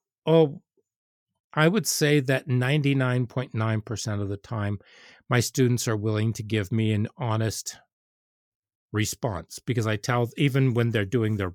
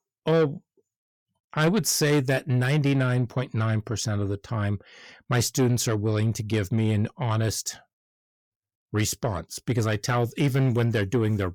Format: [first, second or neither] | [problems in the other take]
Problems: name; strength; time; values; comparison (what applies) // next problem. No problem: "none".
first | distortion; slight; 10 dB below the speech